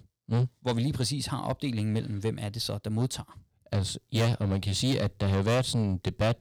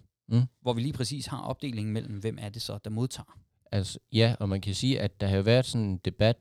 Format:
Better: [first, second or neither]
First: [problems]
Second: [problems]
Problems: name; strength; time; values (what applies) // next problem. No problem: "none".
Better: second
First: distortion; heavy; 7 dB below the speech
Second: none